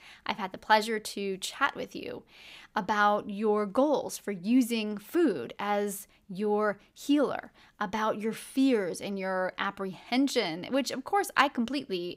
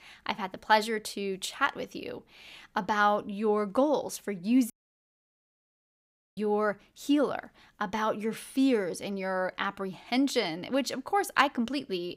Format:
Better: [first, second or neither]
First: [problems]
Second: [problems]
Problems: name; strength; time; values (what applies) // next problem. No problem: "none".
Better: first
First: none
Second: audio cutting out; at 4.5 s for 1.5 s